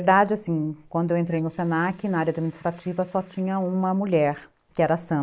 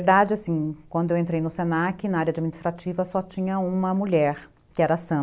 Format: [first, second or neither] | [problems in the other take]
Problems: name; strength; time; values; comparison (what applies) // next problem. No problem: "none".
second | noise reduction (neural mask model Resemble Enhance denoiser)